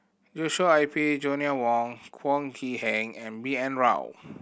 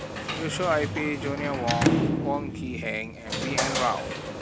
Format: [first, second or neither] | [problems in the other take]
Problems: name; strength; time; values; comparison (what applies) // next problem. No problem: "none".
first | background sound (Sliding door / Slam); 2 dB above the speech